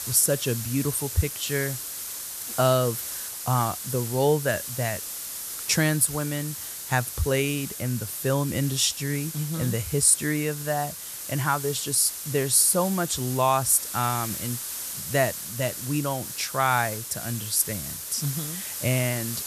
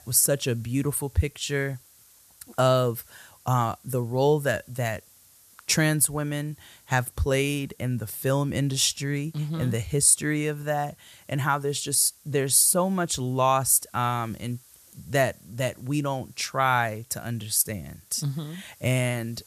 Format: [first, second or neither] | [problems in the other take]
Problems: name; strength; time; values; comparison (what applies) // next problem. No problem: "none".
second | hiss; loud; throughout; 7 dB below the speech; faint in the second